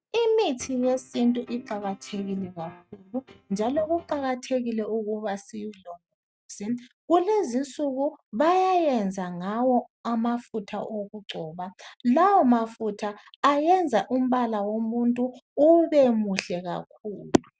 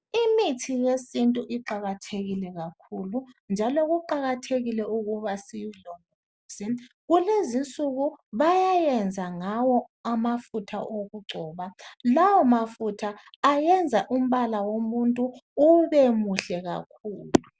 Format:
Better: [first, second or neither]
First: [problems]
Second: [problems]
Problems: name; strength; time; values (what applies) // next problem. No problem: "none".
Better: second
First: noise reduction (neural mask model RNNoise)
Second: none